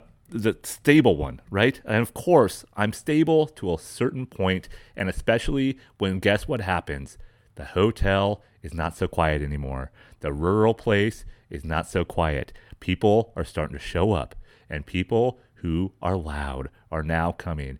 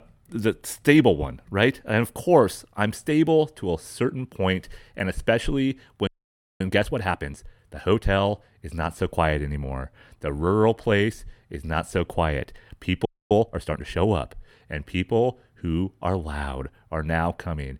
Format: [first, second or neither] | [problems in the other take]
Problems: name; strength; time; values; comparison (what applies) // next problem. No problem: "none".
first | audio freezing; at 6 s for 0.5 s and at 13 s